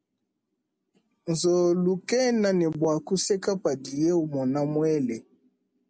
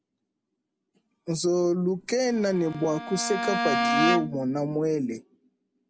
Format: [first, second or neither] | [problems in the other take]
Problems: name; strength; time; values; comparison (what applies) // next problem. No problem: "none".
first | background sound (Bowed string instrument); 2 dB below the speech